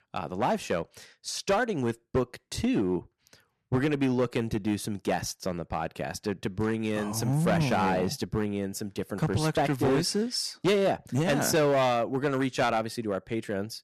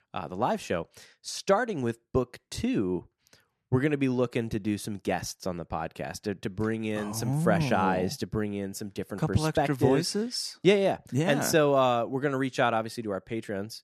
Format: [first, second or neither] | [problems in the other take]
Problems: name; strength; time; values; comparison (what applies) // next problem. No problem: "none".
second | distortion; slight; 7% of the sound clipped